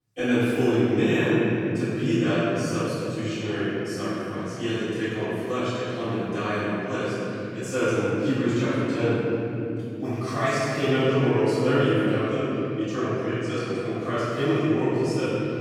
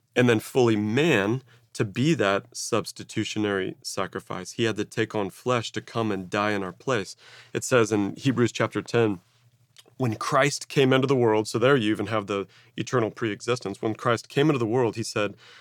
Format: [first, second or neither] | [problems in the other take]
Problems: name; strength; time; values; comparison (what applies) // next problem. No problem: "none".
second | room echo; strong; dies away in 3 s // off-mic speech; far